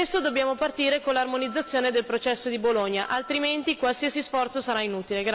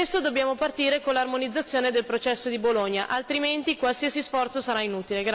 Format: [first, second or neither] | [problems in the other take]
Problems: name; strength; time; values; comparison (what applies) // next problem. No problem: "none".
second | background sound (Bell); 20 dB below the speech